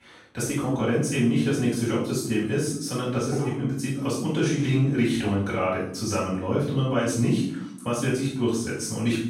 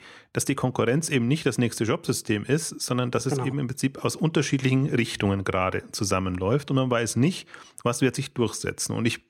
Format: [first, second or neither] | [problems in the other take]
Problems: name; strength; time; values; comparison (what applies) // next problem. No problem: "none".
second | room echo; noticeable; dies away in 0.6 s // off-mic speech; far